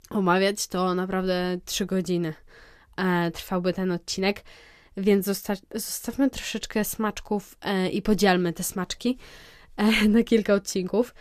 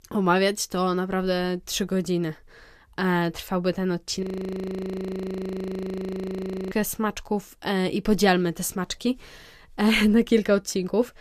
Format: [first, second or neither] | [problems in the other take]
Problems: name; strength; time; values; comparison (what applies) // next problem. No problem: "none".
first | audio freezing; at 4 s for 2.5 s